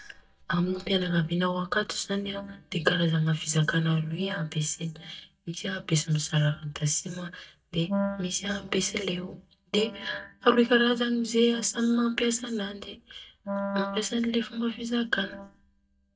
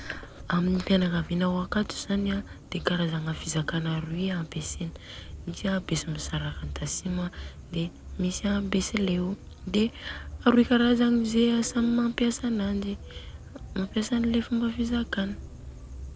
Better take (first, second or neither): second